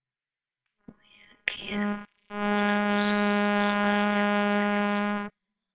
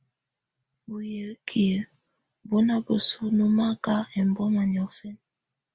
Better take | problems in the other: second | noise reduction (neural separator model SepFormer WHAMR!)

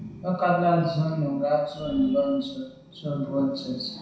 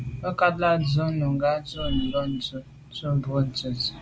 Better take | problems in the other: second | room echo; dies away in 0.7 s

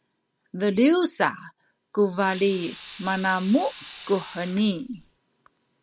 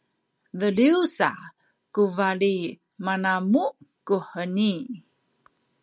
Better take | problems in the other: second | background sound (Sink (filling or washing) / Water tap, faucet); 18 dB below the speech

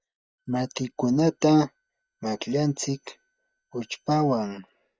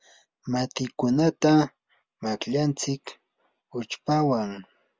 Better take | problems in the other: second | noise reduction (neural mask model DeepFilterNet 3)

